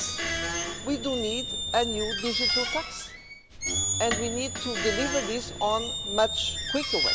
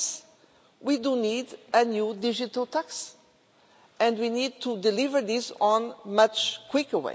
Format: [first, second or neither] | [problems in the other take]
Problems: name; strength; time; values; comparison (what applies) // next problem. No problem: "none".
second | background sound (Squeak); as loud as the speech